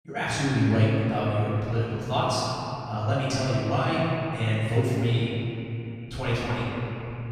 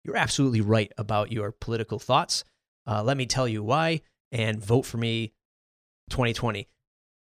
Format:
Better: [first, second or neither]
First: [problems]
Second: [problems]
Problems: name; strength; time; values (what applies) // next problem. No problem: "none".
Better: second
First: off-mic speech; far // room echo; strong; dies away in 3 s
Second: none